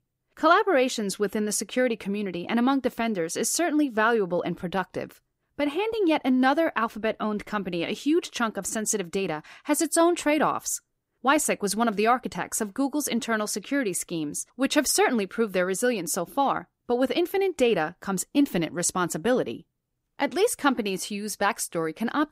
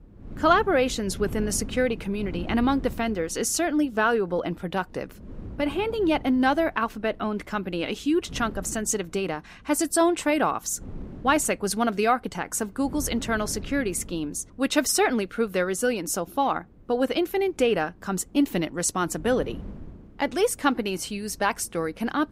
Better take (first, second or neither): first